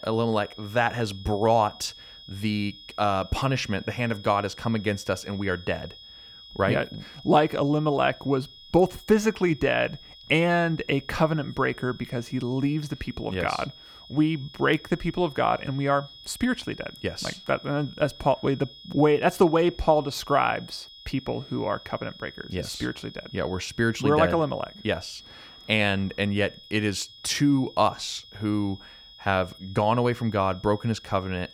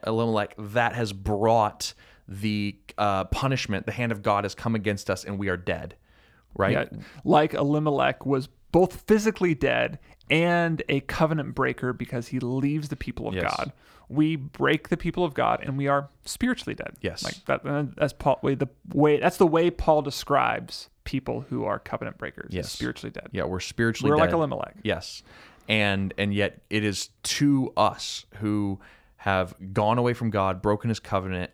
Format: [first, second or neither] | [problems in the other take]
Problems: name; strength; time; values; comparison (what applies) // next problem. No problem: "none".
second | high-pitched whine; noticeable; throughout; 3.5 kHz, 20 dB below the speech